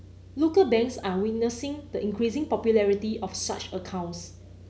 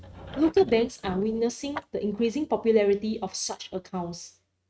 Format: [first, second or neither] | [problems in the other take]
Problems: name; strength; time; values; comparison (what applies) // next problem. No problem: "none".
first | noise reduction (neural mask model RNNoise)